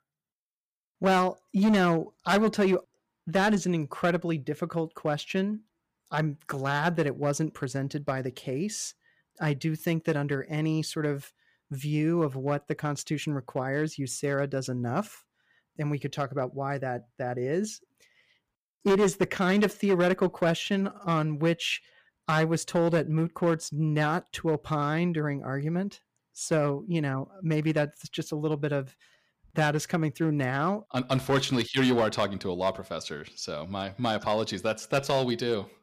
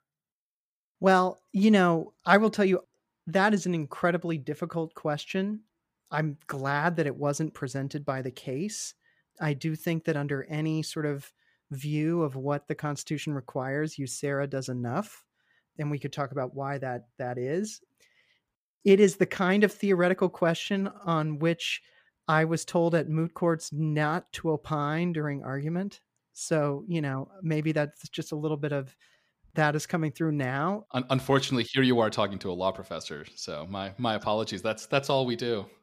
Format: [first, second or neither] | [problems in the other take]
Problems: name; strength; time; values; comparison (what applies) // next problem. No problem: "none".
second | distortion; slight; 3% of the sound clipped